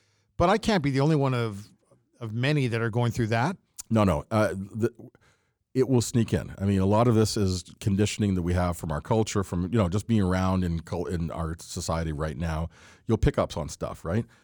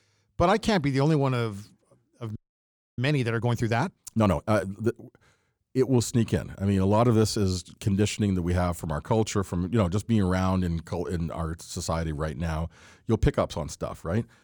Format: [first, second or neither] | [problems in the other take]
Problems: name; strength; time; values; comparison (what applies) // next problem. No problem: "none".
first | audio freezing; at 2.5 s for 0.5 s